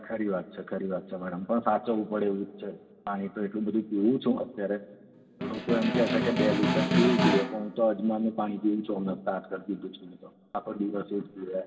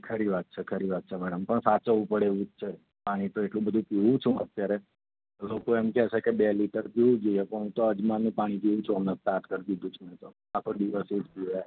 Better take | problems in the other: second | background sound (Snare drum); 1 dB above the speech // room echo; dies away in 2.9 s

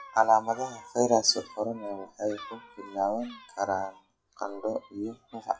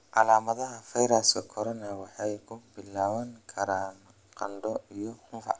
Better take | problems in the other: second | noise reduction (classical method WPE with log-MMSE)

